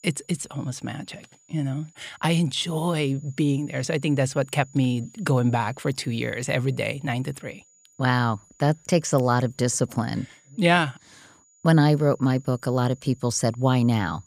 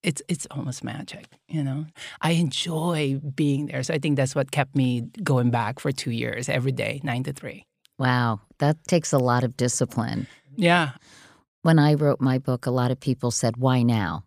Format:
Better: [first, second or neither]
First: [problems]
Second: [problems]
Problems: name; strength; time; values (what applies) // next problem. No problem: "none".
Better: second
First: high-pitched whine; faint; throughout; 7 kHz, 30 dB below the speech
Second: none